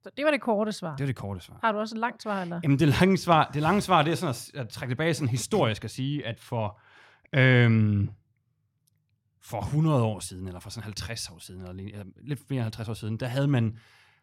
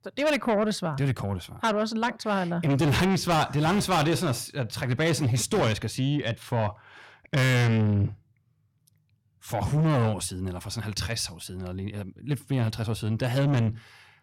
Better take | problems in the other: first | distortion; heavy; 6 dB below the speech

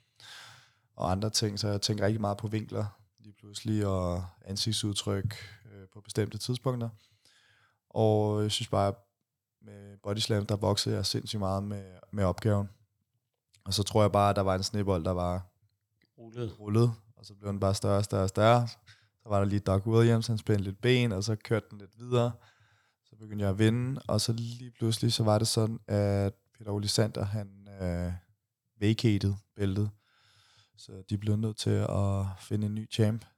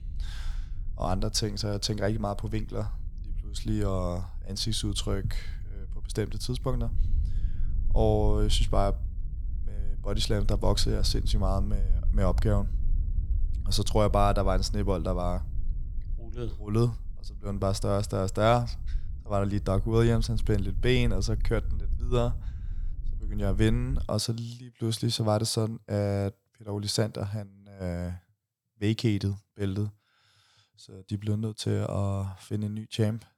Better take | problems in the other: first | low rumble; faint; until 24 s; 25 dB below the speech

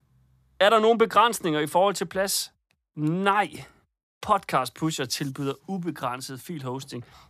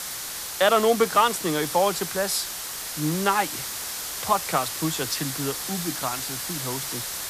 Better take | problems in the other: first | hiss; loud; throughout; 5 dB below the speech

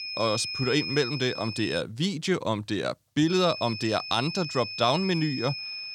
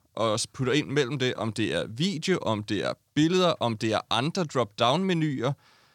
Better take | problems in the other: second | high-pitched whine; loud; until 2 s and from 3.5 s on; 5 kHz, 6 dB below the speech

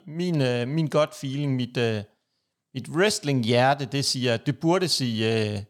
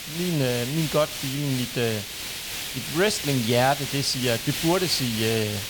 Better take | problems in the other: first | hiss; loud; throughout; 5 dB below the speech

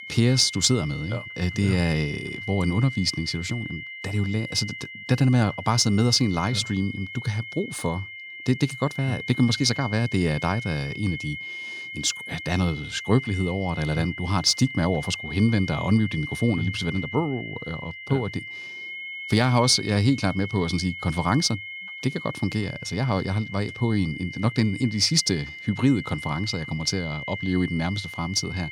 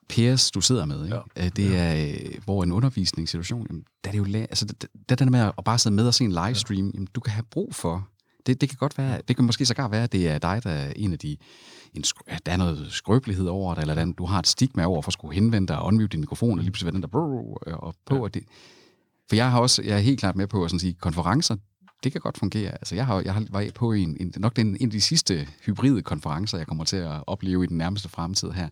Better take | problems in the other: second | high-pitched whine; loud; throughout; 2 kHz, 10 dB below the speech

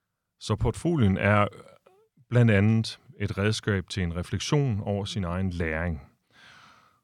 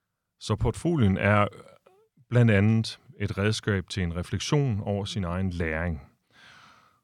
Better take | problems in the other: neither | none

